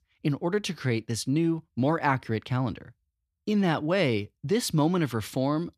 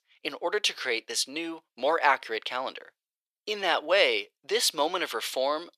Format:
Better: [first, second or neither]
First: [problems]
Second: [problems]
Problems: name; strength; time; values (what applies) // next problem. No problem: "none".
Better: first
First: none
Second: thin; very; fading below 500 Hz